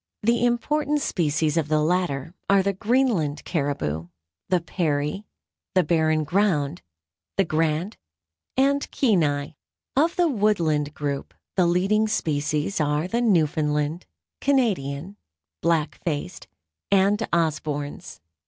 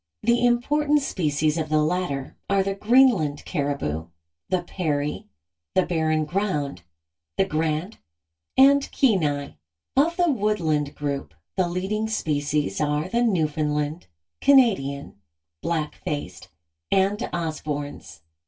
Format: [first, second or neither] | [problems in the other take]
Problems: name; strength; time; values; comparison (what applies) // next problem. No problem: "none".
first | room echo; dies away in 0.1 s